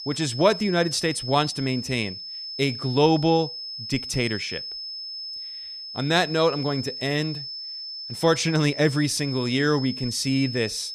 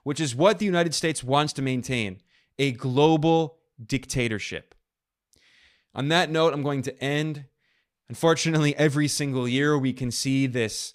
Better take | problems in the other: second | high-pitched whine; loud; throughout; 5 kHz, 9 dB below the speech

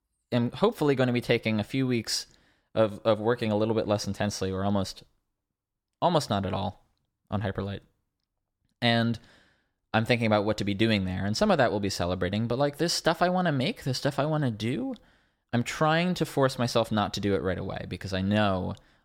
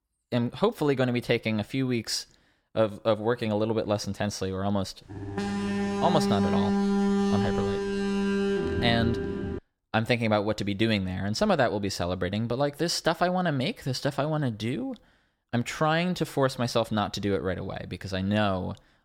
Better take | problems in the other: first | alarm; loud; from 5 to 9.5 s; peak 3 dB above the speech

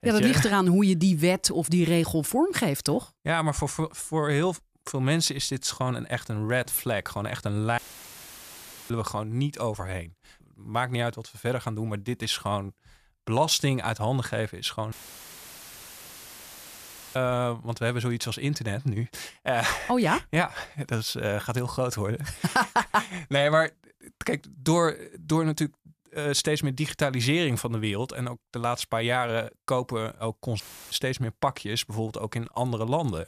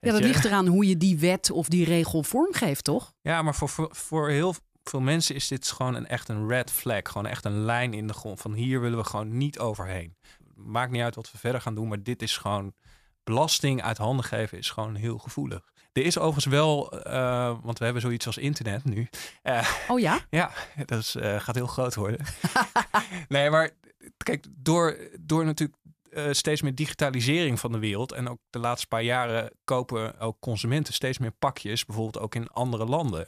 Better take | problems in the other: second | audio cutting out; filled with static; at 8 s for 1 s, at 15 s for 2 s and at 31 s

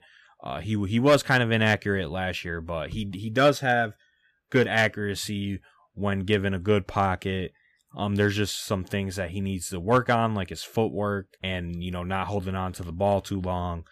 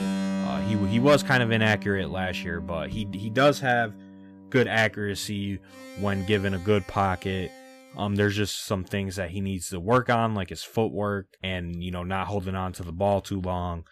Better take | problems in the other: first | background music; loud; until 8 s; 9 dB below the speech

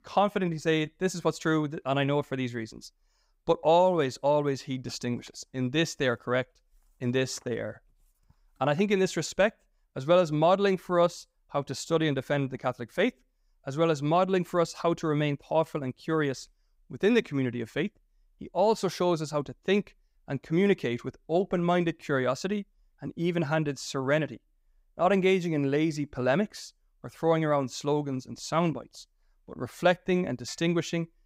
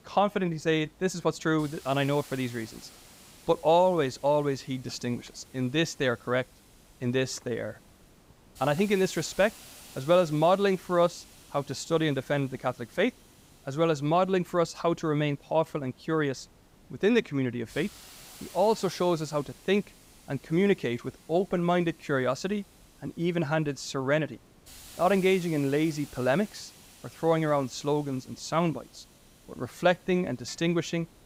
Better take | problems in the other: first | hiss; faint; throughout; 25 dB below the speech

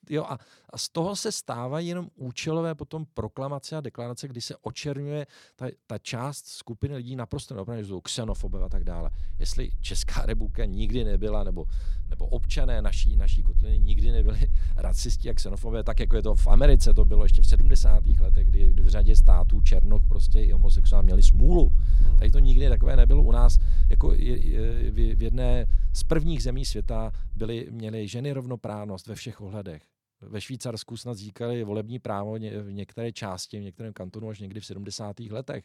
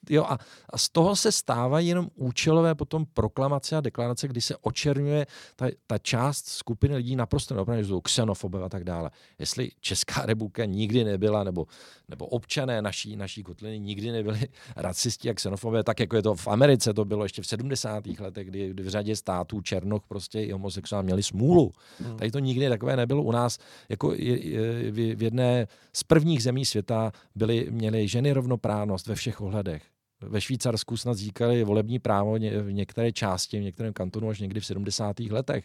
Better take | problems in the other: second | low rumble; noticeable; from 8.5 to 27 s; 15 dB below the speech

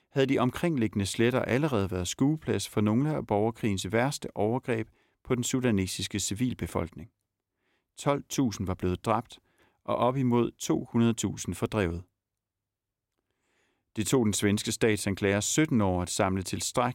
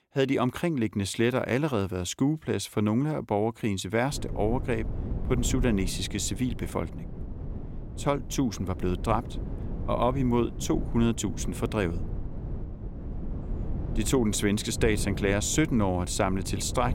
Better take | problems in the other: first | low rumble; noticeable; from 4 s on; 15 dB below the speech

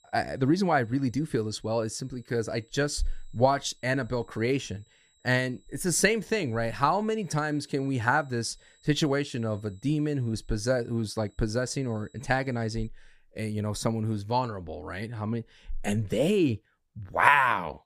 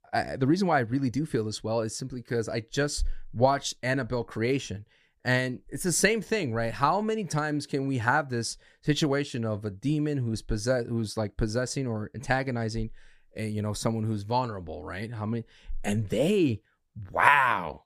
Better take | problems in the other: second | high-pitched whine; faint; until 13 s; 4 kHz, 35 dB below the speech

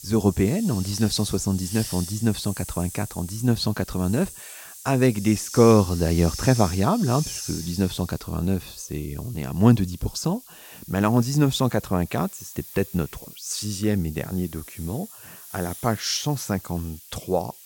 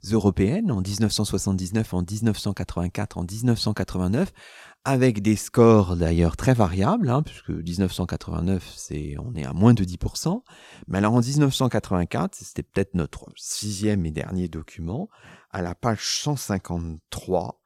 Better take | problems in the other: second | hiss; noticeable; throughout; 15 dB below the speech

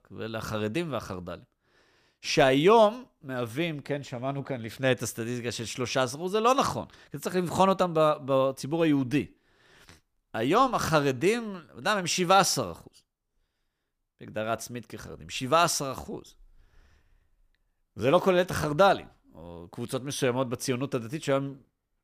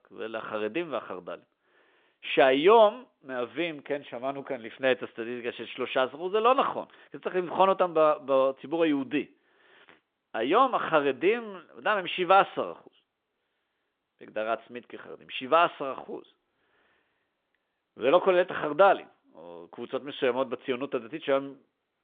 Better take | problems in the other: first | phone-call audio

